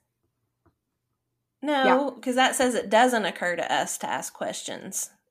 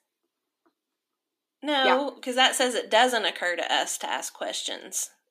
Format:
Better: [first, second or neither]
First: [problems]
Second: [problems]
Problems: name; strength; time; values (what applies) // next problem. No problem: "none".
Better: first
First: none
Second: thin; very slightly; fading below 300 Hz